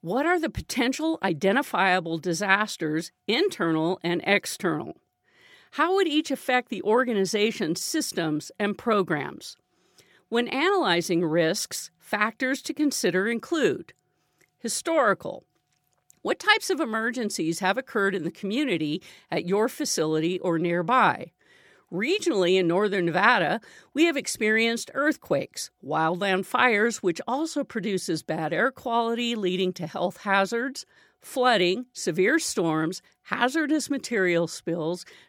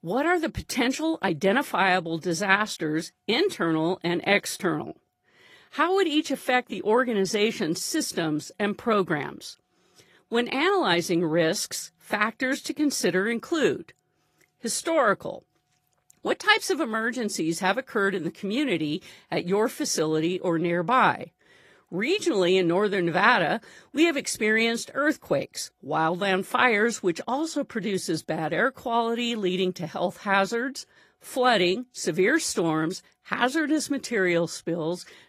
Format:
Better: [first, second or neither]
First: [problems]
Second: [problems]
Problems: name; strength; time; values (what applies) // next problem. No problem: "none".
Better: first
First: none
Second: garbled, watery; slightly; nothing above 13 kHz